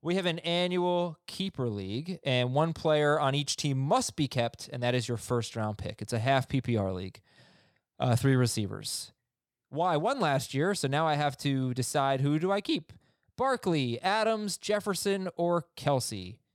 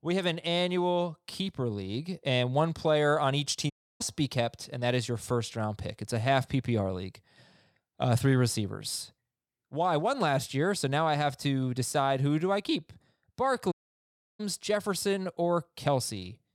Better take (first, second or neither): first